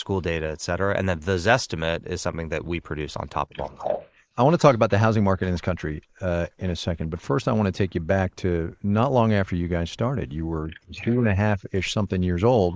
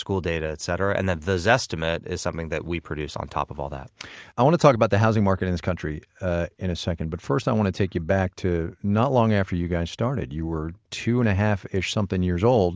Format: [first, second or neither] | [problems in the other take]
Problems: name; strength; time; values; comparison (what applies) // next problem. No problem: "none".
second | noise reduction (neural mask model Resemble Enhance denoiser)